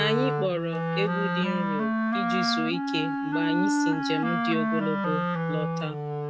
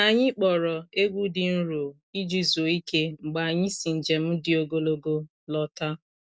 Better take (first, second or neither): second